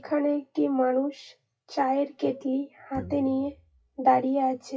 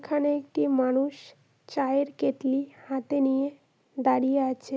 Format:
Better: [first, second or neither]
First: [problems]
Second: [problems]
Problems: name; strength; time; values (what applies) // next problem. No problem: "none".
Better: second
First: noise reduction (classical method WPE with log-MMSE)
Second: none